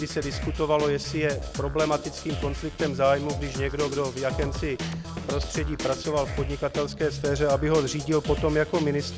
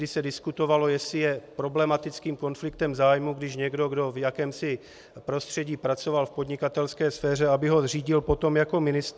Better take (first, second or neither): second